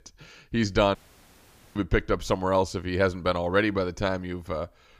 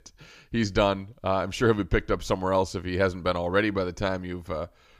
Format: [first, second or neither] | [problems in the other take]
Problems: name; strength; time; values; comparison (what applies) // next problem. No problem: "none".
second | audio cutting out; at 1 s for 1 s